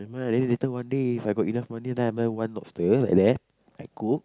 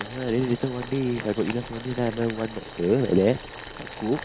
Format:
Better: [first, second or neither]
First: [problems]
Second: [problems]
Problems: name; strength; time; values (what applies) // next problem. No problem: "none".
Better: first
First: none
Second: background sound (Boiling); 13 dB below the speech